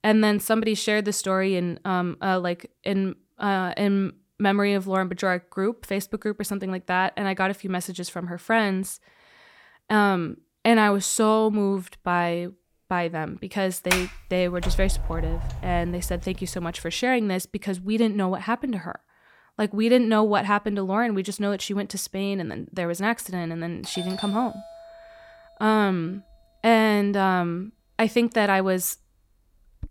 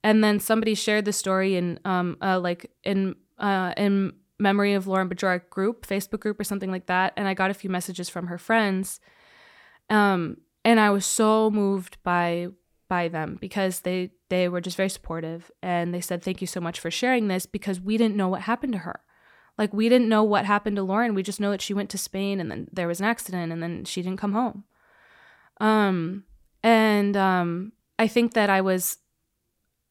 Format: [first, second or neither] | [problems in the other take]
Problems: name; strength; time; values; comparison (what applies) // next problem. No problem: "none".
second | door banging; noticeable; from 14 to 16 s; peak level with the speech // doorbell; noticeable; from 24 s on; peak 9 dB below the speech